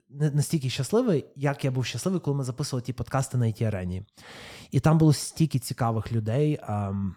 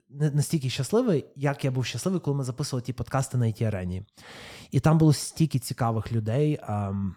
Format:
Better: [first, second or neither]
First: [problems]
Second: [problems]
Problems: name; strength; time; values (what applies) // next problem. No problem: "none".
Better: neither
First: none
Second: none